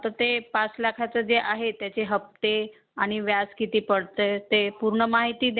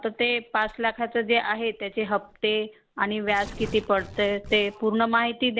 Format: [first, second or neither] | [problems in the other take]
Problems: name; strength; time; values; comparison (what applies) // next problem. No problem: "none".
first | background sound (Tearing); 20 dB below the speech